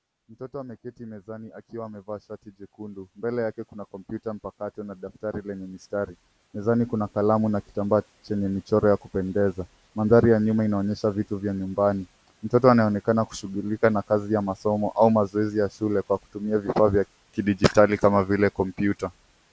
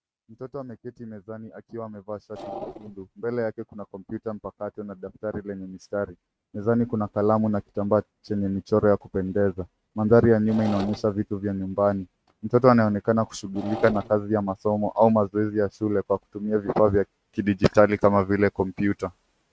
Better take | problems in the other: first | noise reduction (neural mask model RNNoise)

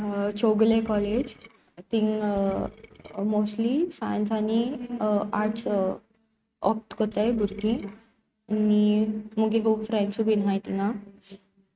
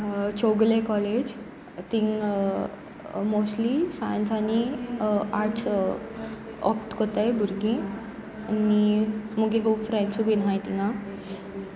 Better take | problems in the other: second | noise reduction (neural mask model RNNoise)

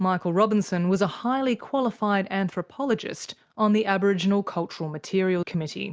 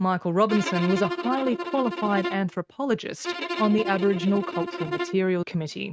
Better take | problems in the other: first | noise reduction (neural mask model RNNoise)

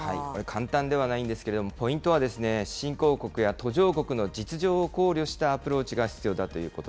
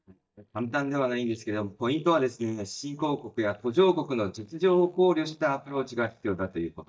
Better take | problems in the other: first | noise reduction (neural mask model DeepFilterNet 3)

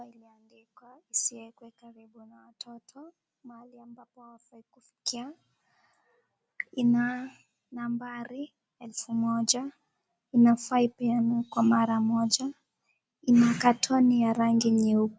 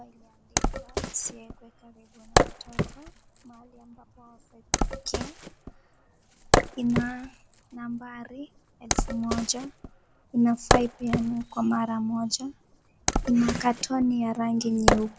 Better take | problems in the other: first | background sound (Wood); as loud as the speech

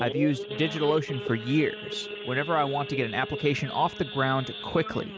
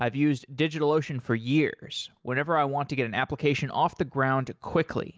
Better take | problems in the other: second | background sound (Idling / Sawing / Accelerating, revving, vroom); 9 dB below the speech

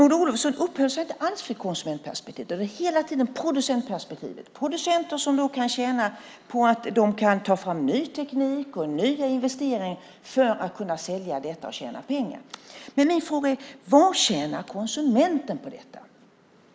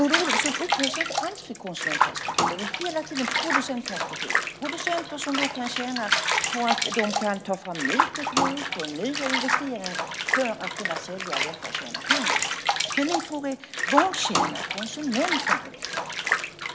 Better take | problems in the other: first | background sound (Bathtub (filling or washing) / Water); 3 dB above the speech

